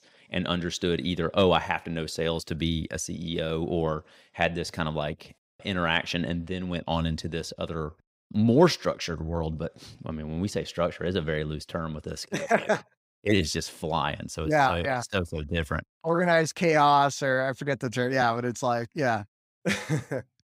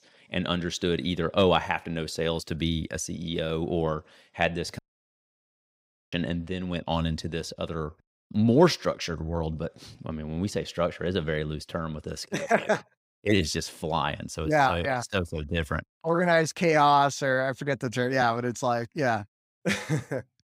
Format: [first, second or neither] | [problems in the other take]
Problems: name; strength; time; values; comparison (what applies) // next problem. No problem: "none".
first | audio cutting out; at 5 s for 1.5 s